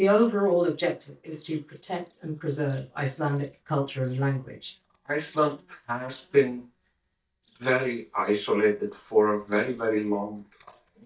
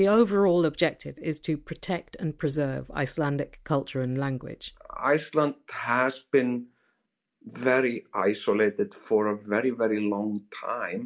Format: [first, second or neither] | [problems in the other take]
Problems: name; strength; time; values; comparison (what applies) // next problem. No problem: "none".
second | noise reduction (neural mask model DeepFilterNet 3)